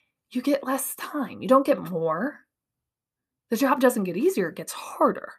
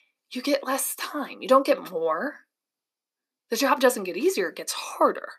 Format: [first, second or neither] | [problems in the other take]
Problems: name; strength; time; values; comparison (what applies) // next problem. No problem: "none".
first | thin; very slightly; fading below 300 Hz